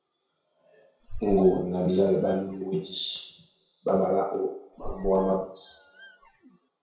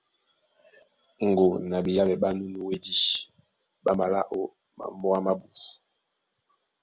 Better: second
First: background sound (Squeak); 13 dB below the speech // room echo; dies away in 0.6 s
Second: none

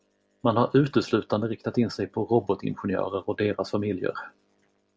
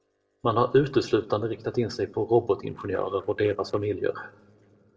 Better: first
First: none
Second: noise reduction (neural separator model SepFormer DNS4)

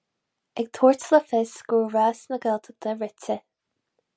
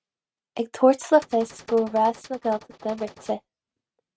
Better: first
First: none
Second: noise reduction (neural mask model RNNoise)

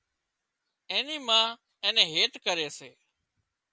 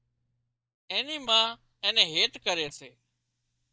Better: first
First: none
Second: noise reduction (neural mask model DeepFilterNet 3)

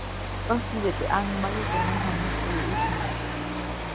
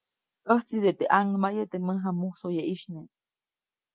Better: second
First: background sound (Rain + Bird); 3 dB above the speech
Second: none

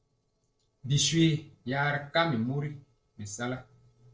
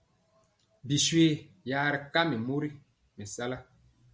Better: second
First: noise reduction (neural separator model SepFormer DNS4)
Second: none

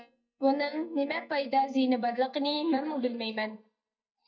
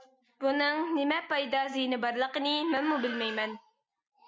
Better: second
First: noise reduction (neural mask model DeepFilterNet 3)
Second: none

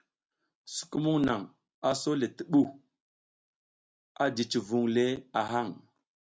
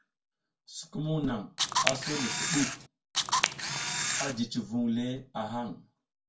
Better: first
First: none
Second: background sound (Camera); 4 dB above the speech // room echo; dies away in 0.2 s

